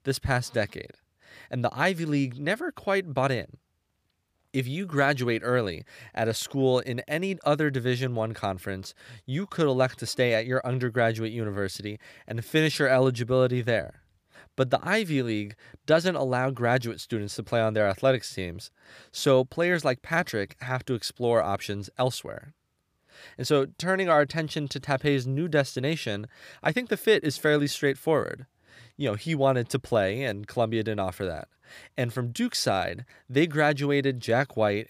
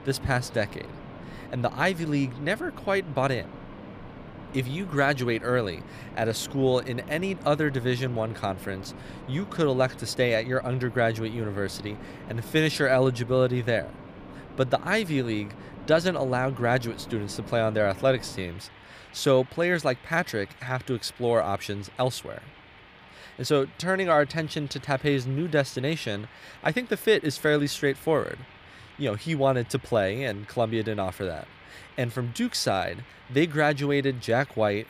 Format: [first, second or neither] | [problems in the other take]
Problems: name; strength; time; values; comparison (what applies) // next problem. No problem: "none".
first | rain or running water; noticeable; throughout; 20 dB below the speech